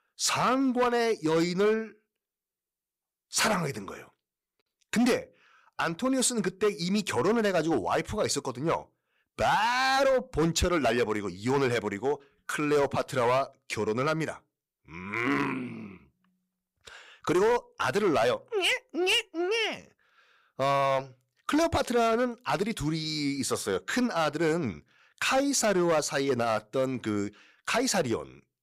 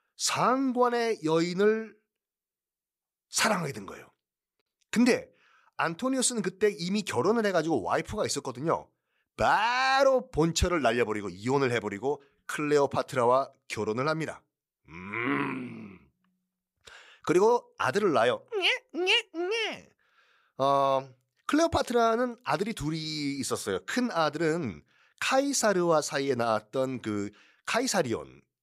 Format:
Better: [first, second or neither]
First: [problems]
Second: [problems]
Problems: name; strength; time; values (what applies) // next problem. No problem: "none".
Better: second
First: distortion; slight; 7% of the sound clipped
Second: none